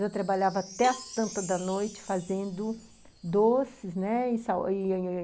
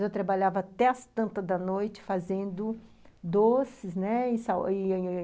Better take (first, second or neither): second